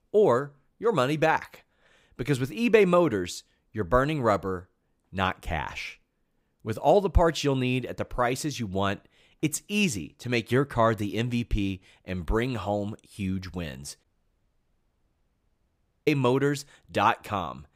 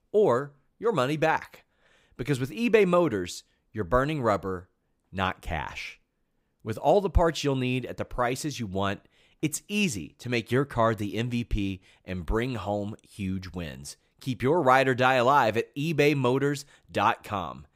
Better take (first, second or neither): second